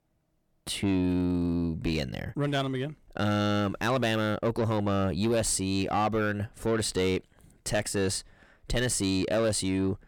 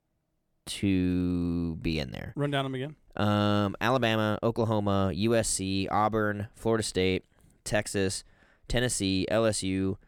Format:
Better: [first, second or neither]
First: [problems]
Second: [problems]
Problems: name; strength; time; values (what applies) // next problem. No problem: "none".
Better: second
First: distortion; slight; 10 dB below the speech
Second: none